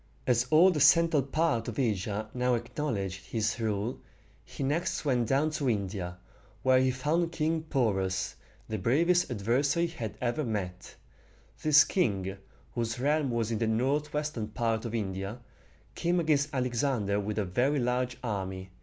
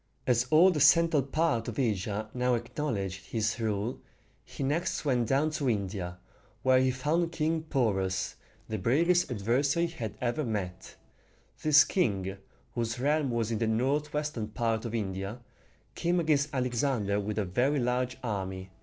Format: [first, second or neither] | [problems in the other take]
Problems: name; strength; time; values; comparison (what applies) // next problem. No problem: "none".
first | noise reduction (neural separator model SepFormer DNS4)